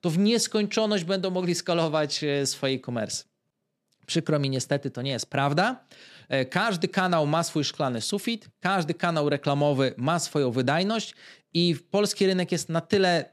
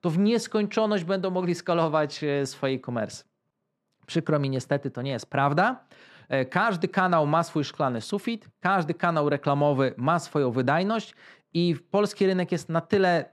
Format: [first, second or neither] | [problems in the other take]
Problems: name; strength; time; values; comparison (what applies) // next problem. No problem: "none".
first | muffled; slightly; fading above 3 kHz